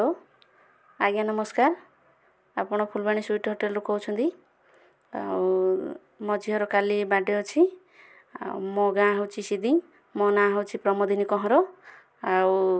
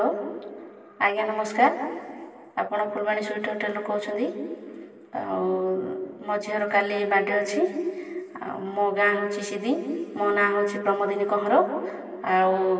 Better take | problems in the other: first | room echo; dies away in 2.4 s

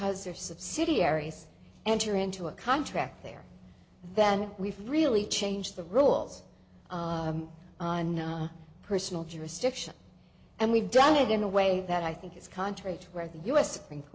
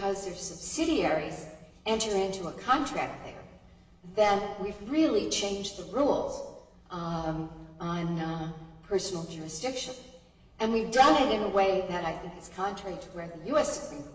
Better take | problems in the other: first | room echo; dies away in 1.1 s

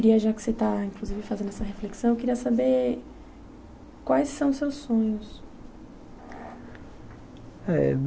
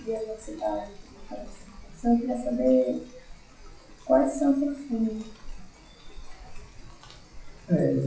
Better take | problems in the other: first | noise reduction (classical method WPE with log-MMSE)

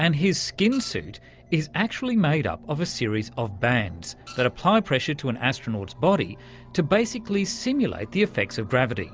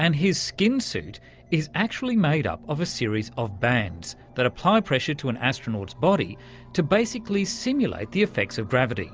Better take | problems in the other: second | background sound (Printer); 20 dB below the speech

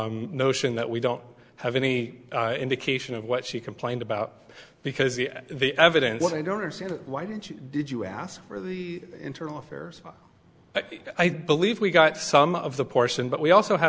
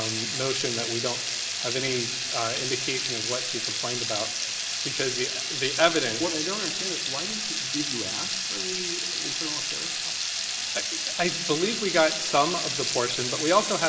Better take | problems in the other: first | background sound (Water tap, faucet / Liquid); as loud as the speech // room echo; dies away in 0.9 s

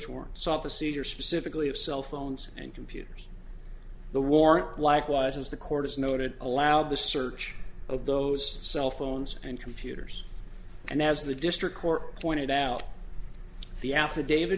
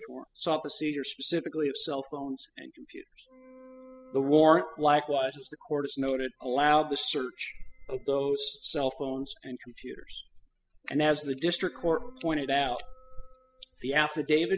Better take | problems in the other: first | noise reduction (classical method spectral subtraction)

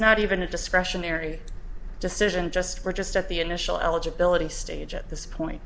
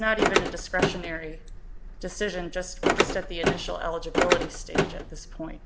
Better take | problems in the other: first | background sound (Car); 5 dB above the speech

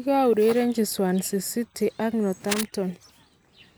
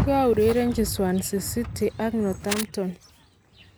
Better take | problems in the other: first | background sound (Car); 10 dB below the speech

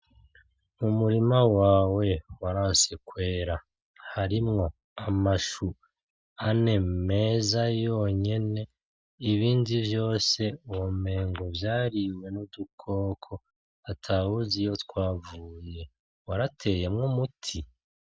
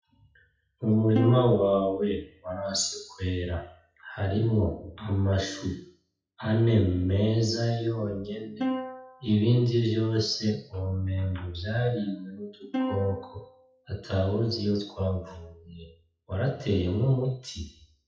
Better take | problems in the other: first | noise reduction (classical method WPE with log-MMSE)

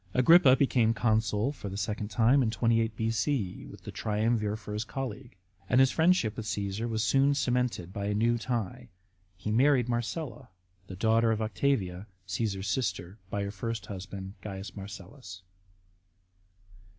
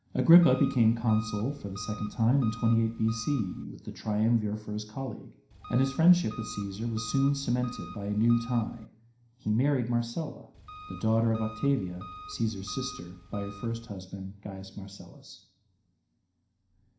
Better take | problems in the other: first | background sound (Engine); 17 dB below the speech // room echo; dies away in 0.5 s

